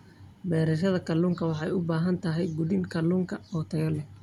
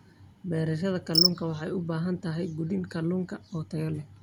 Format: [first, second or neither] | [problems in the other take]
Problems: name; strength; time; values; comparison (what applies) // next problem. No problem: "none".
first | background sound (Cricket); 1 dB below the speech